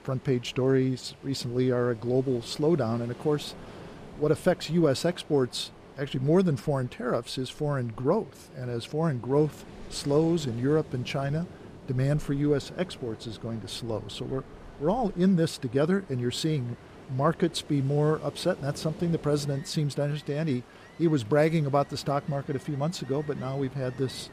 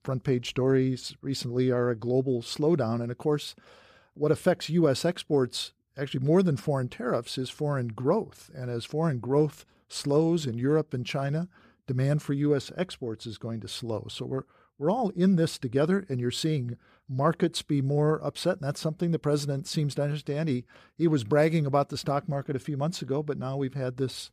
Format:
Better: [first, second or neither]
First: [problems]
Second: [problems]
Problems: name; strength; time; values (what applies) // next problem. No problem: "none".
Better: second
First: rain or running water; noticeable; throughout; 20 dB below the speech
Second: none